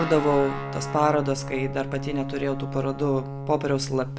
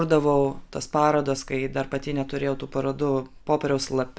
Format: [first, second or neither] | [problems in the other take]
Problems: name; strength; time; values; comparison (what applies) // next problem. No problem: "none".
second | background sound (Guitar); 7 dB below the speech